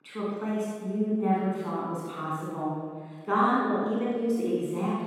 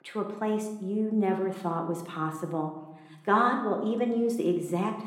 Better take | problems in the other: second | room echo; strong; dies away in 1.6 s; slight in the second // off-mic speech; far

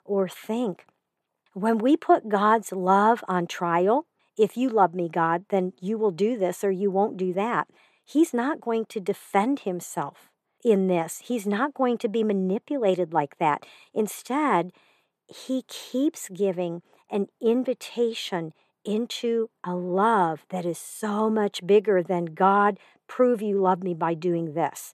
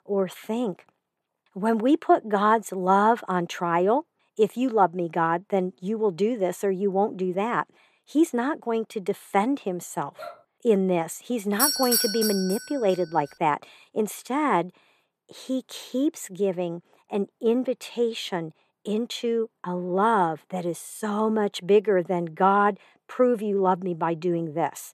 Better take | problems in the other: first | dog barking; faint; at 10 s; peak 15 dB below the speech // doorbell; loud; at 12 s; peak 5 dB above the speech

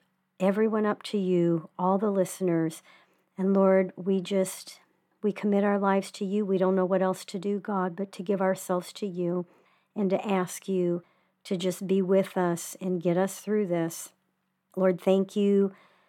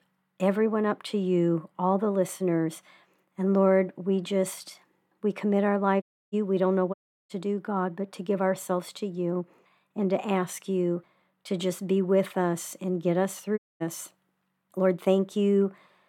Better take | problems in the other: first | audio cutting out; at 6 s, at 7 s and at 14 s

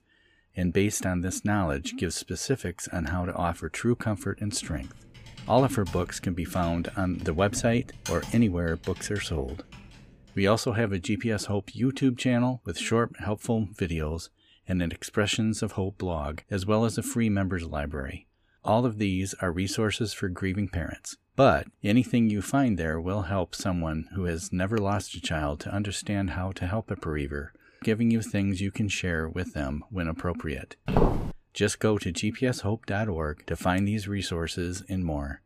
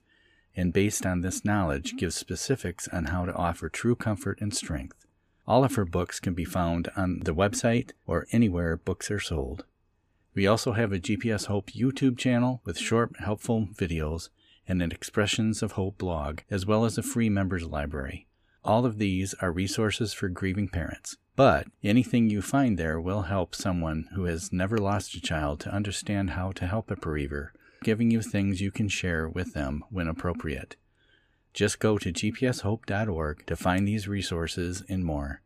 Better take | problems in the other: second | keyboard typing; noticeable; from 4 to 11 s; peak 9 dB below the speech // footsteps; loud; at 31 s; peak 3 dB above the speech

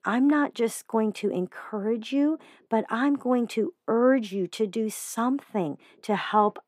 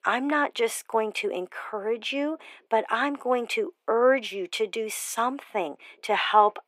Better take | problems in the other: first | thin; somewhat; fading below 550 Hz

